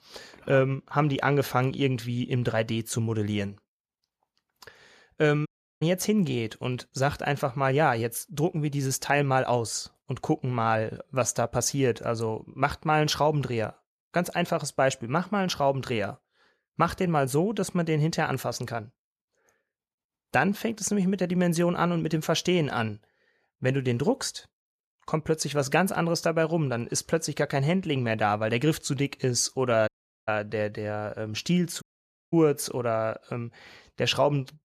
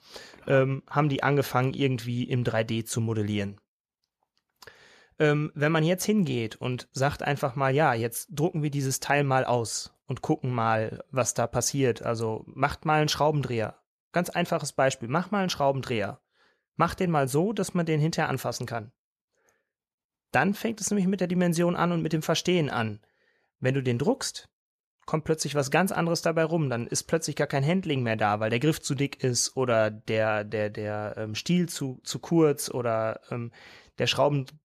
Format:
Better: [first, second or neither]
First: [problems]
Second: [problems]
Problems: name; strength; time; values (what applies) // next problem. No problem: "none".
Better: second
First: audio cutting out; at 5.5 s, at 30 s and at 32 s for 0.5 s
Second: none